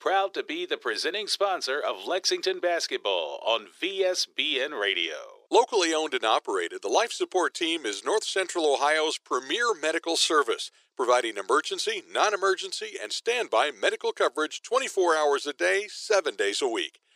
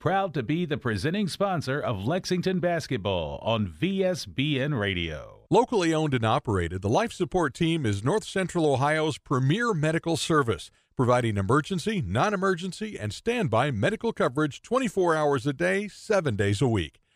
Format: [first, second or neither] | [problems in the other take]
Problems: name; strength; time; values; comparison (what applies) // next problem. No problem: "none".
second | thin; very; fading below 350 Hz